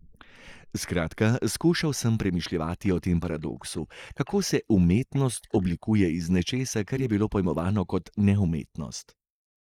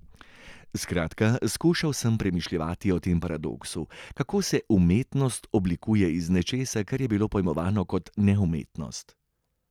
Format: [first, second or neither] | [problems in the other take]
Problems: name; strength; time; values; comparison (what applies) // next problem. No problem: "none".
second | noise reduction (neural mask model Resemble Enhance denoiser)